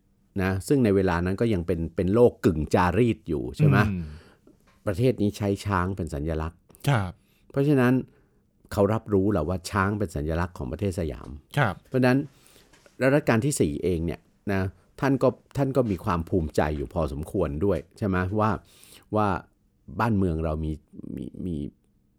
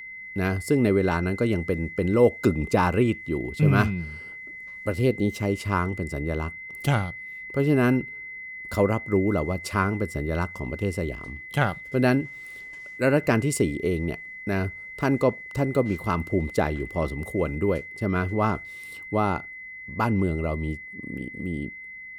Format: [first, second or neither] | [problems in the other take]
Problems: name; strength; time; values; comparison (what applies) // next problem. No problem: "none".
first | high-pitched whine; noticeable; throughout; 2 kHz, 10 dB below the speech